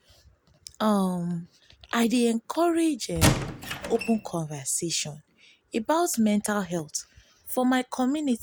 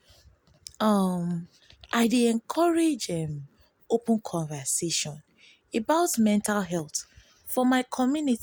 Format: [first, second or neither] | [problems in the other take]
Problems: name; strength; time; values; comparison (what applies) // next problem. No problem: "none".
second | background sound (Squeak / Wood); as loud as the speech